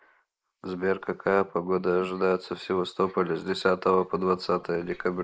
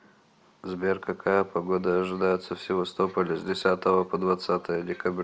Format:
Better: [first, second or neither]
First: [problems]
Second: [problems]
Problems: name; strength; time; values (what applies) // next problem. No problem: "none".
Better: second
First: noise reduction (neural mask model Resemble Enhance denoiser)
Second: none